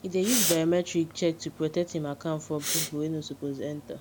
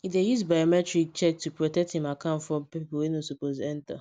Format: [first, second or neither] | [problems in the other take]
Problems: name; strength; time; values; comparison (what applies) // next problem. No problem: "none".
second | background sound (Respiratory sounds); 6 dB below the speech